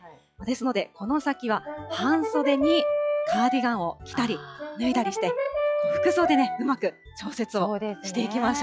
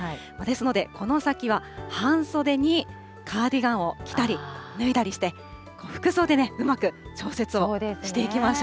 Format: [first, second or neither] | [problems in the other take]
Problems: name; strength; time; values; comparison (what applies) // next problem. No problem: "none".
second | noise reduction (classical method log-MMSE)